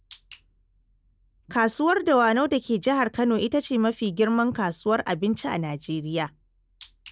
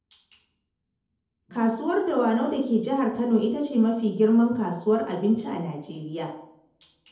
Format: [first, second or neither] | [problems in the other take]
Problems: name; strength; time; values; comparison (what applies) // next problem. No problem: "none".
first | room echo; dies away in 2.1 s